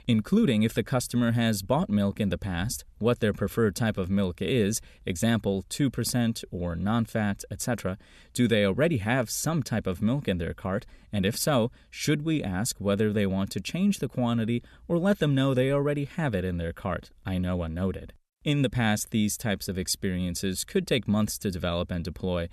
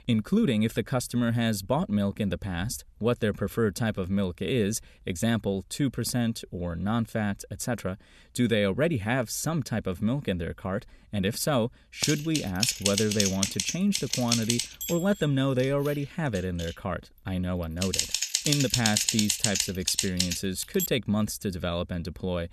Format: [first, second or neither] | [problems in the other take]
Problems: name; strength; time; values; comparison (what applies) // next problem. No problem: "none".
first | keyboard typing; loud; from 12 to 21 s; peak 4 dB above the speech